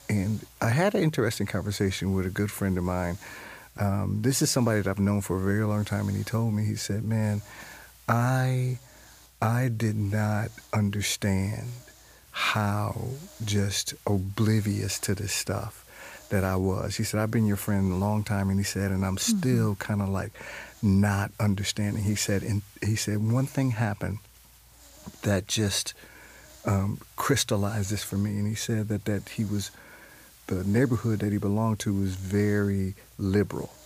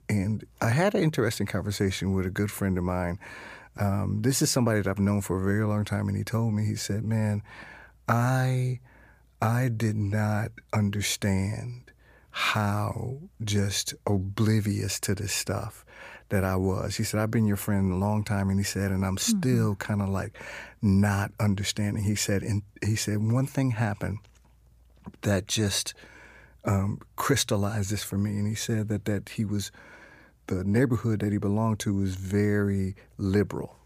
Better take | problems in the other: second | hiss; faint; throughout; 25 dB below the speech

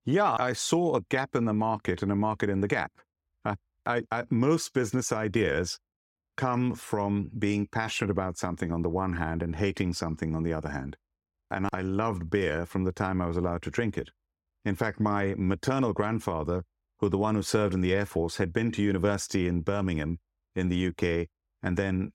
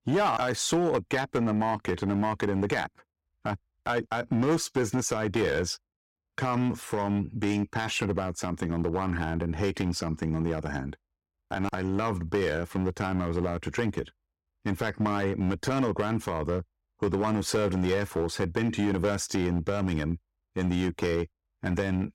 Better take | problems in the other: first | distortion; slight; 6% of the sound clipped

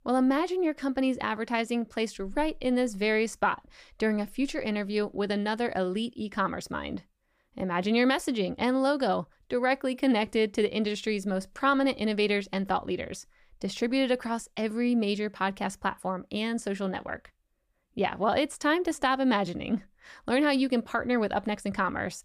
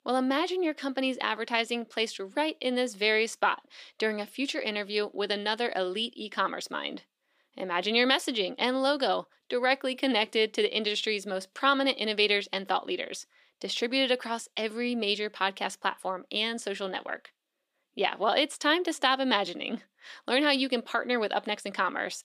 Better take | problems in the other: first | thin; very slightly; fading below 300 Hz

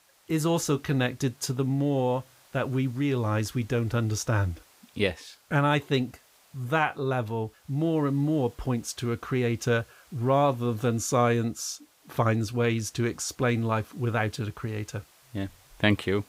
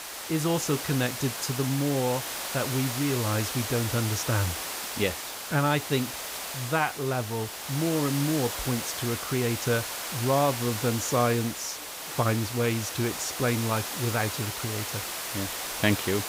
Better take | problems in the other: first | hiss; loud; throughout; 4 dB below the speech; faint in the first

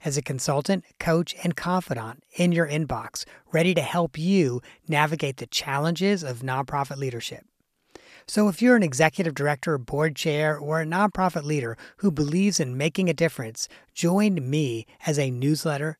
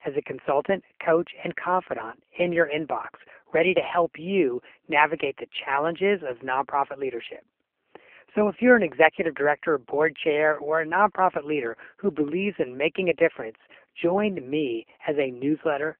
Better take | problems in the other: first | phone-call audio; poor line

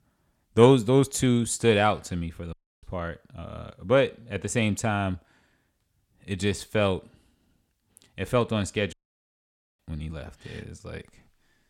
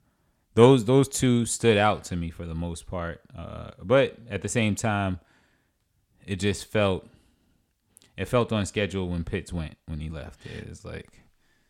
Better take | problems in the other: second | audio cutting out; at 2.5 s and at 9 s for 1 s

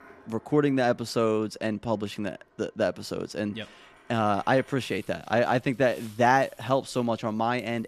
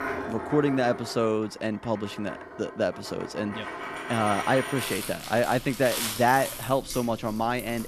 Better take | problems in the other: first | household noises; loud; throughout; 8 dB below the speech; faint in the first

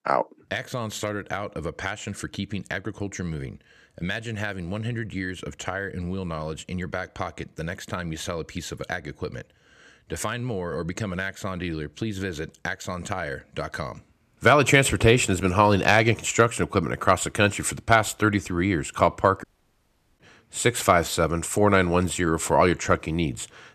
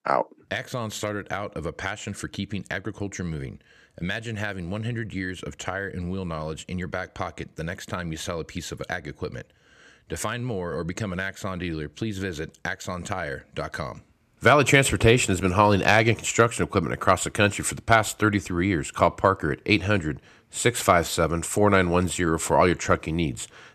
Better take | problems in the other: second | audio cutting out; at 19 s for 1 s

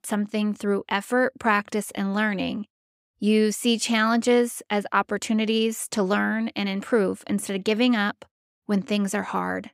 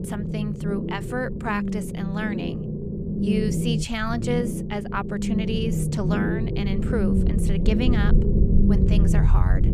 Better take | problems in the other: first | low rumble; loud; throughout; 2 dB below the speech

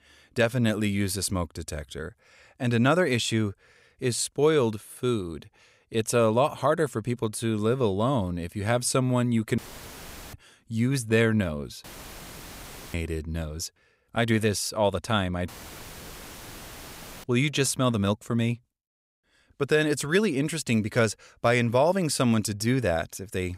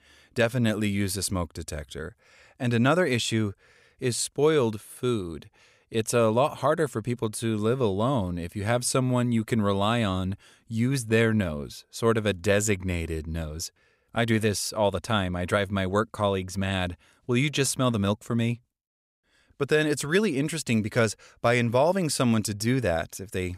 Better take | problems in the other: second | audio cutting out; filled with static; at 9.5 s for 1 s, at 12 s for 1 s and at 15 s for 2 s

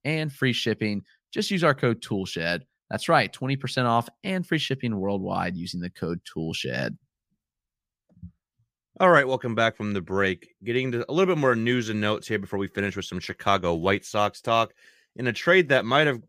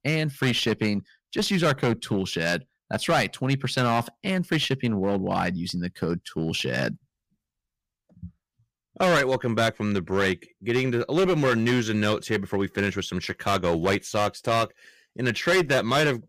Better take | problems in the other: first | distortion; heavy; 8% of the sound clipped

